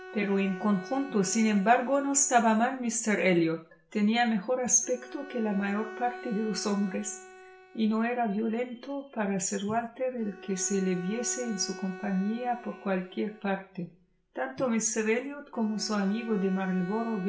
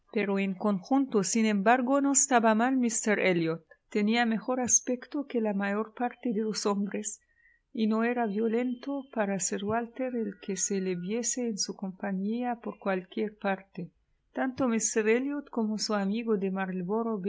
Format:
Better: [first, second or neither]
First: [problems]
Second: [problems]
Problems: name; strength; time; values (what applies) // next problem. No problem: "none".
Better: second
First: background sound (Bowed string instrument); 17 dB below the speech // room echo; dies away in 0.4 s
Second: none